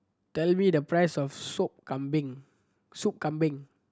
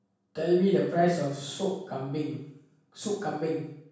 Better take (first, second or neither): first